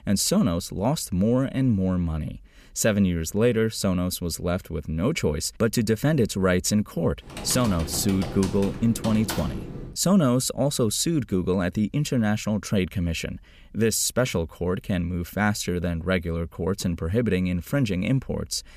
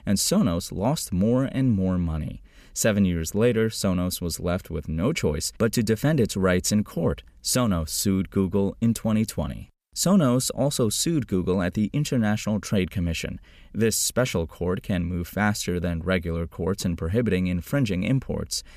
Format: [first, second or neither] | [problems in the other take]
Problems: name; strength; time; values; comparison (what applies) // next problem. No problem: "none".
second | keyboard typing; noticeable; from 7.5 to 10 s; peak 7 dB below the speech